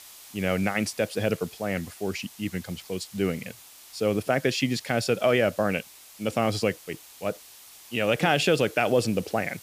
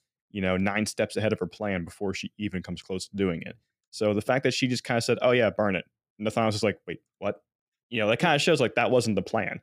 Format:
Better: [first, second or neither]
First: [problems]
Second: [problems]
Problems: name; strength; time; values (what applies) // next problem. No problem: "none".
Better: second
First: hiss; noticeable; throughout; 20 dB below the speech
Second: none